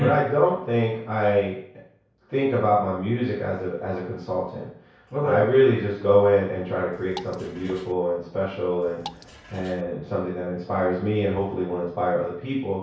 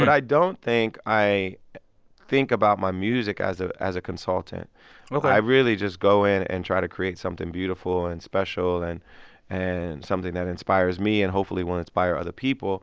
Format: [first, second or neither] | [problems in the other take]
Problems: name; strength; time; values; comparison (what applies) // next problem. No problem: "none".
second | background sound (Drip / Water); 18 dB below the speech // room echo; dies away in 0.6 s